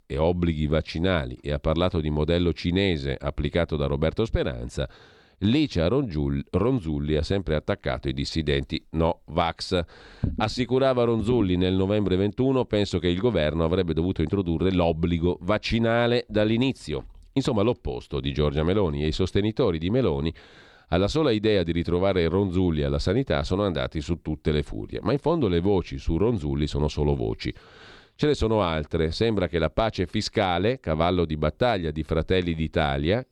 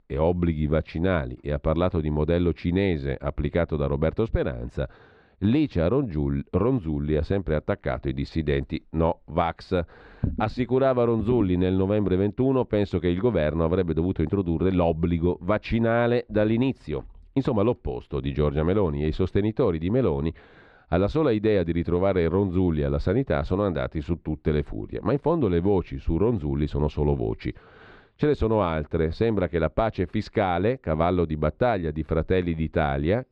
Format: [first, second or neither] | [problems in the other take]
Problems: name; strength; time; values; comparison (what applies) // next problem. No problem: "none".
first | muffled; slightly; fading above 3.5 kHz